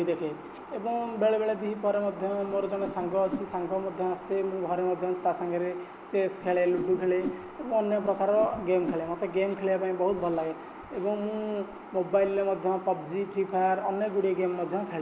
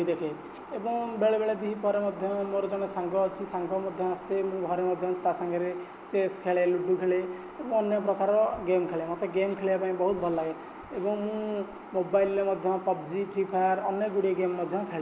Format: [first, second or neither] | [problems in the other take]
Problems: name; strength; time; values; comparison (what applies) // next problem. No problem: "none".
second | background sound (Whoosh, swoosh, swish); 12 dB below the speech